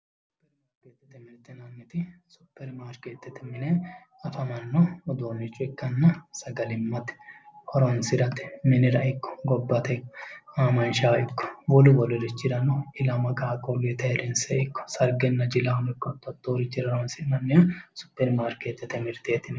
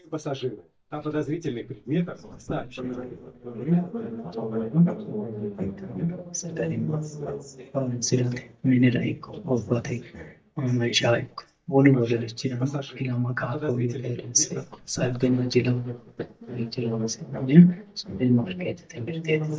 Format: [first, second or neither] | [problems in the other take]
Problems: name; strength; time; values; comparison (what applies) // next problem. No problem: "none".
first | noise reduction (neural mask model DeepFilterNet 3)